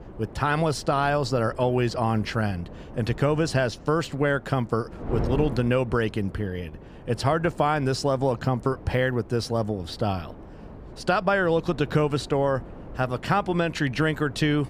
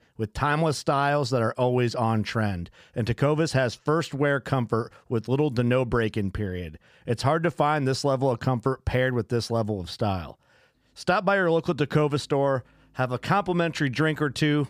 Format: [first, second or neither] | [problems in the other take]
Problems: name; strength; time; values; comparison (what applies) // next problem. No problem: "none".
second | wind noise on the microphone; occasional gusts; 20 dB below the speech